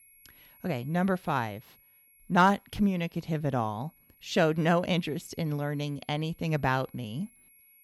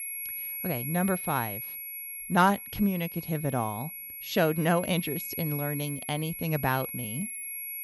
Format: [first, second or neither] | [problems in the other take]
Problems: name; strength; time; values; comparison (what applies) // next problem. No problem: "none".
first | high-pitched whine; loud; throughout; 11.5 kHz, 6 dB below the speech; faint in the first